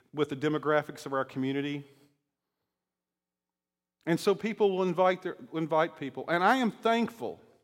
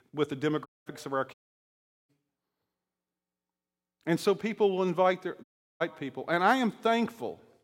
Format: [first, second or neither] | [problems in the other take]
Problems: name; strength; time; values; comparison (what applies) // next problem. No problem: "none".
first | audio cutting out; at 0.5 s, at 1.5 s for 0.5 s and at 5.5 s